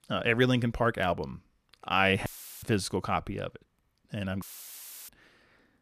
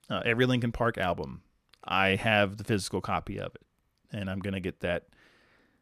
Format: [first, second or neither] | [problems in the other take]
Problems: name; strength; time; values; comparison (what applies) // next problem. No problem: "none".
second | audio cutting out; filled with static; at 2.5 s and at 4.5 s for 0.5 s